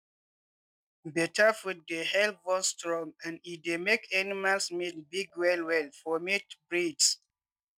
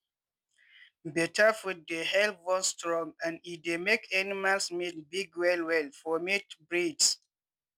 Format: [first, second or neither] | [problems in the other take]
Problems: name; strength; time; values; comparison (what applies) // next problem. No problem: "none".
second | noise reduction (neural mask model DeepFilterNet 3)